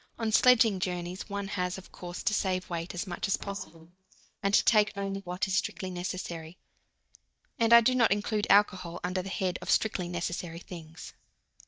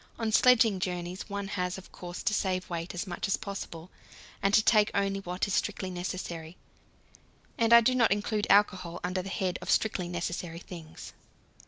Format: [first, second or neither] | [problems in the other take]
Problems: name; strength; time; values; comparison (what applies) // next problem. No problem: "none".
second | noise reduction (neural mask model DeepFilterNet 3)